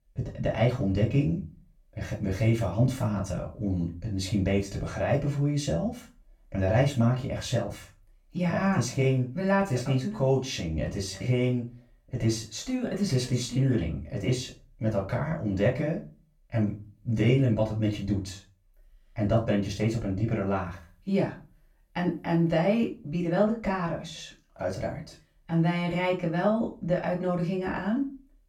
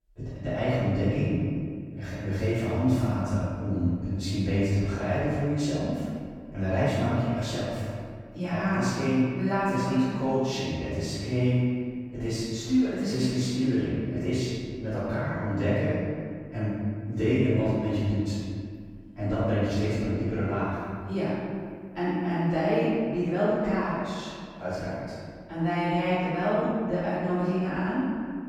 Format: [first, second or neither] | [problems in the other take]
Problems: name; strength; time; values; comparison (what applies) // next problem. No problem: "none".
first | room echo; strong; dies away in 1.9 s; slight in the first // off-mic speech; far; far in the first